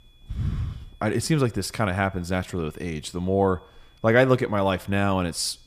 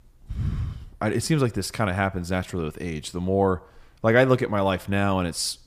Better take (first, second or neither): second